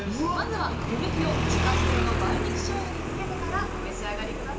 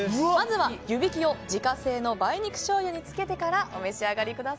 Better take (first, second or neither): second